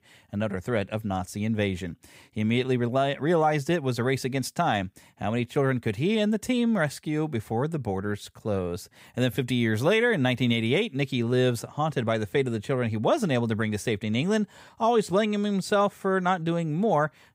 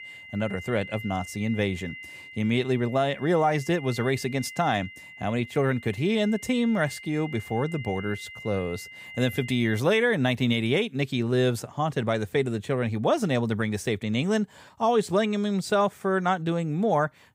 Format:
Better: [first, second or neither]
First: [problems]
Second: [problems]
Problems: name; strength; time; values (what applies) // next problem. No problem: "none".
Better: first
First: none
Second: high-pitched whine; noticeable; until 10 s; 2 kHz, 15 dB below the speech